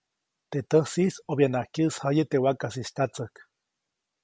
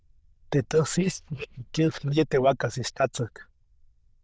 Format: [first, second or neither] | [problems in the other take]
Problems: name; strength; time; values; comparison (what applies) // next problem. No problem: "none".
first | noise reduction (neural diffusion model UNIVERSE++)